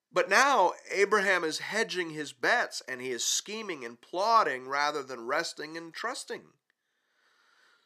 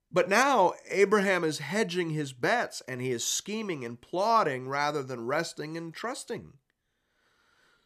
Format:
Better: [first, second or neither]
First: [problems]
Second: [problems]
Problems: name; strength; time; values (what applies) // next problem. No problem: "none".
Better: second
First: thin; somewhat; fading below 300 Hz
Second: none